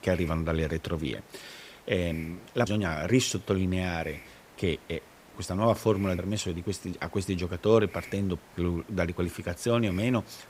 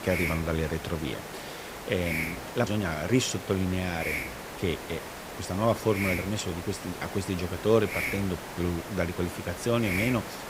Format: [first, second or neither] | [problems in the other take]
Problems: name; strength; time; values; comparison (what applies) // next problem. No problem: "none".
first | hiss; loud; throughout; 6 dB below the speech; faint in the first